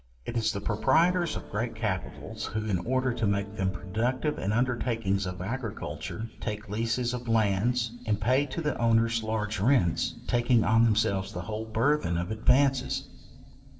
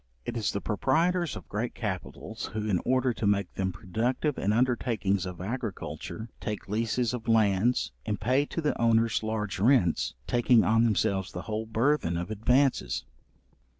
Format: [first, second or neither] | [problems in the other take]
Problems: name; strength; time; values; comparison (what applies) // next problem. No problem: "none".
second | background sound (Electric guitar / Strum); 18 dB below the speech // room echo; dies away in 2.1 s